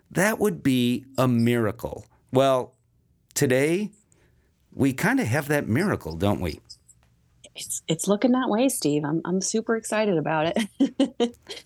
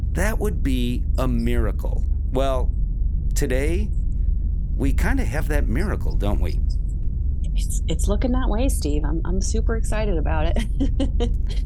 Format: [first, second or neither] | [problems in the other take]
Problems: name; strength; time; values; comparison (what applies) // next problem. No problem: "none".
first | low rumble; noticeable; throughout; 15 dB below the speech